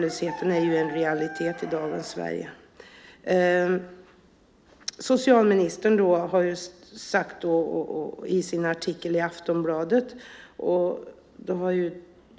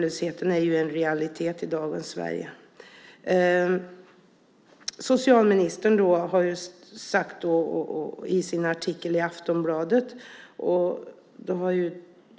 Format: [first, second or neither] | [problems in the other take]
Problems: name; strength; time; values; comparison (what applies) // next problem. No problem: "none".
second | background sound (Chicken, rooster); 20 dB below the speech